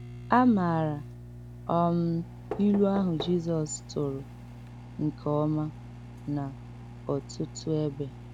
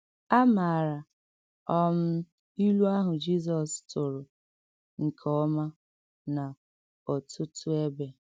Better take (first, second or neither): second